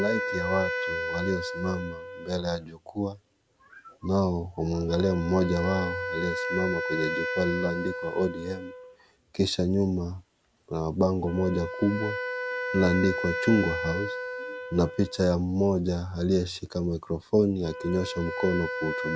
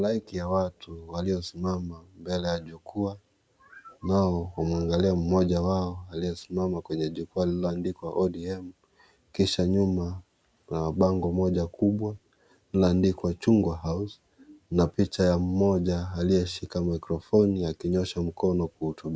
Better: second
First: background sound (Wind instrument, woodwind instrument); 6 dB below the speech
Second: none

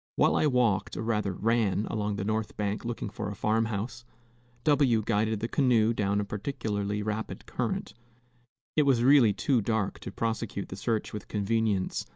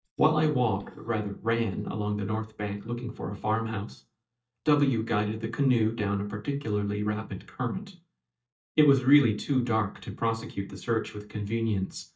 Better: first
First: none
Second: noise reduction (neural mask model DeepFilterNet 3)

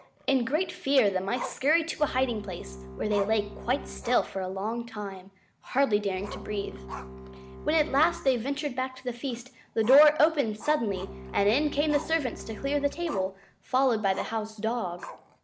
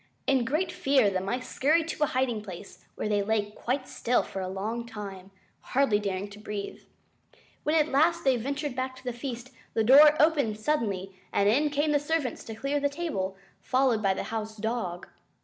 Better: second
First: background sound (Growling + Bowed string instrument); 14 dB below the speech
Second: none

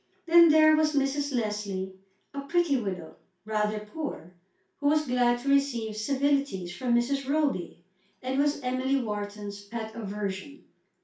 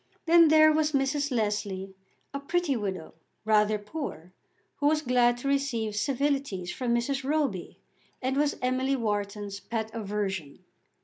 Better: second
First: room echo; dies away in 0.3 s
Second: none

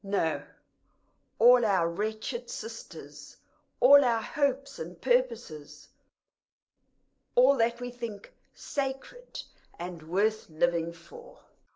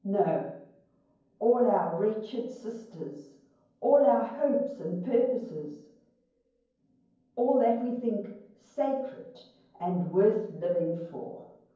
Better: first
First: none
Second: room echo; dies away in 0.9 s

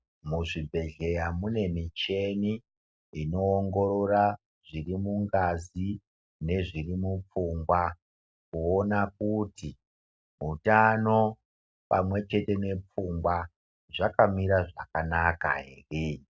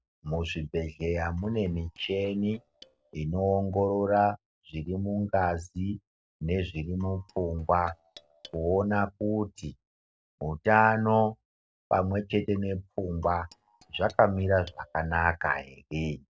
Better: first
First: none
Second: noise reduction (neural separator model SepFormer DNS4)

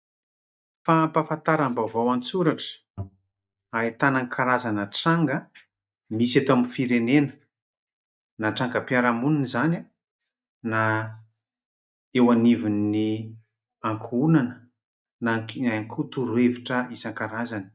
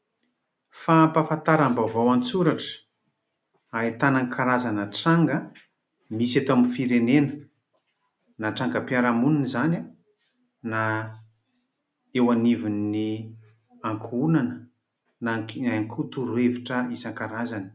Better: second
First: noise reduction (neural mask model DeepFilterNet 3)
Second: none

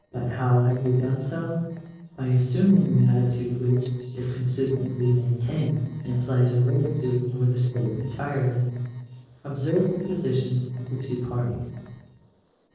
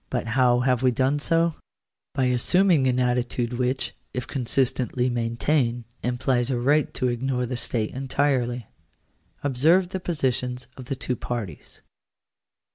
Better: second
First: noise reduction (neural separator model SepFormer DNS4)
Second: none

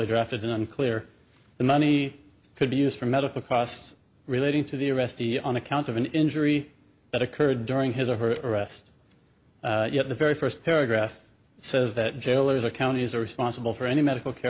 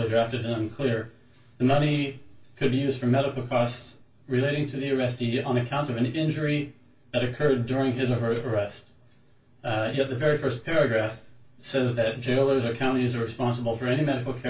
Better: first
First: none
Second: room echo; dies away in 0.1 s

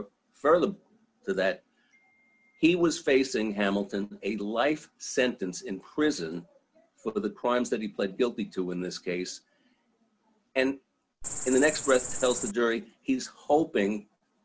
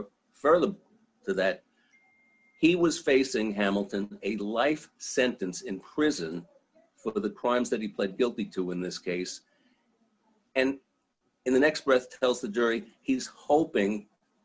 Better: second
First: background sound (Cricket); 5 dB below the speech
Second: none

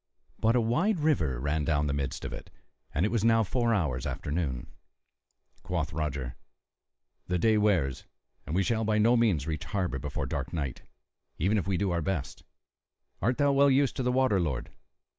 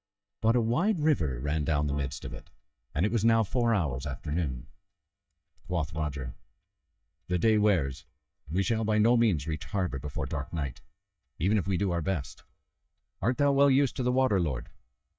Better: first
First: none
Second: noise reduction (neural mask model DeepFilterNet 3)

